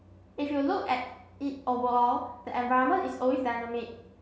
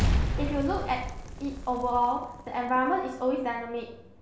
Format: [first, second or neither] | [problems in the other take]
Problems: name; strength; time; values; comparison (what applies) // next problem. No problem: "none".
first | background sound (Explosion); 3 dB below the speech